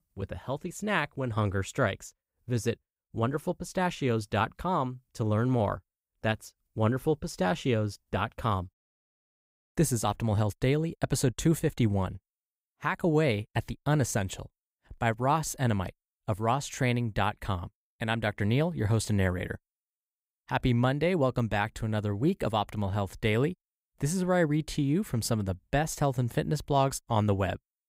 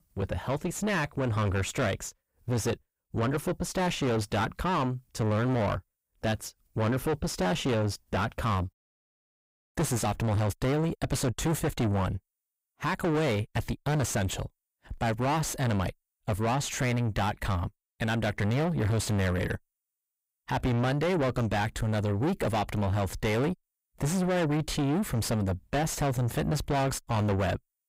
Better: first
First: none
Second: distortion; heavy; 4 dB below the speech

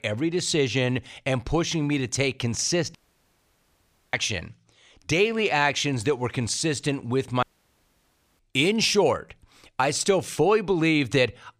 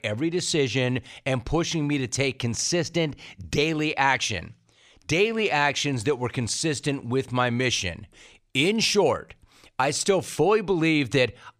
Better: second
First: audio cutting out; at 3 s for 1 s and at 7.5 s for 1 s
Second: none

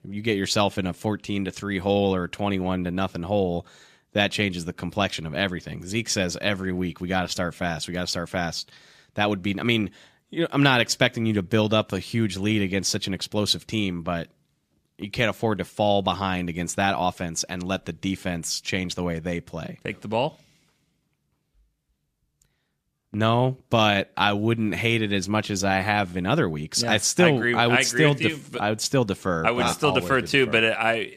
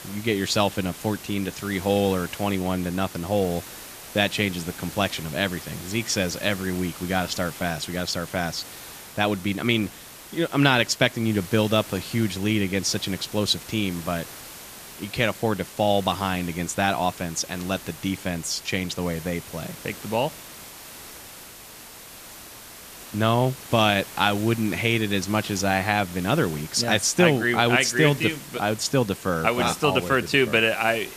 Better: first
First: none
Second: hiss; noticeable; throughout; 15 dB below the speech

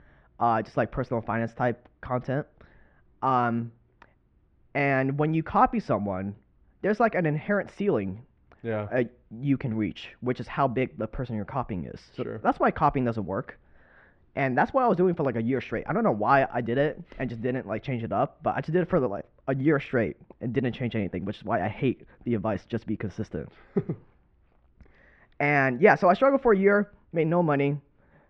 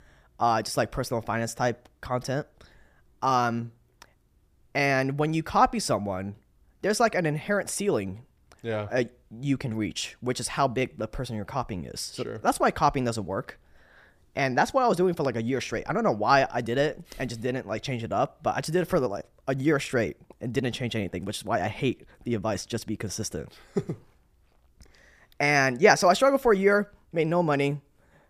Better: second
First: muffled; very; fading above 2.5 kHz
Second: none

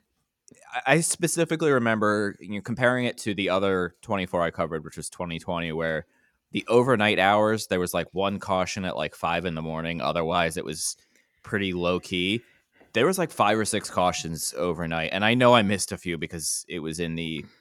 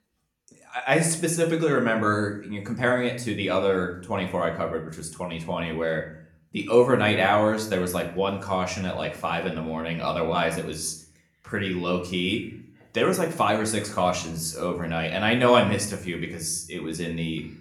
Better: first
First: none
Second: room echo; slight; dies away in 0.5 s // off-mic speech; somewhat distant

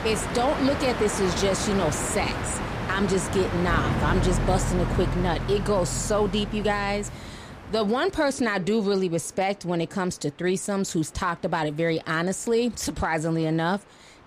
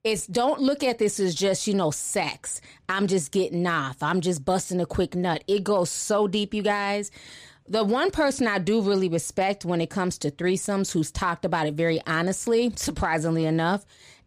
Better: second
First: train or aircraft noise; loud; throughout; 4 dB below the speech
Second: none

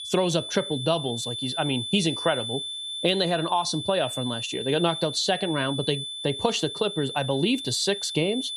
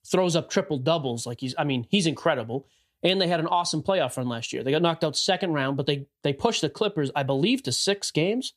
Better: second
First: high-pitched whine; loud; throughout; 3.5 kHz, 6 dB below the speech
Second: none

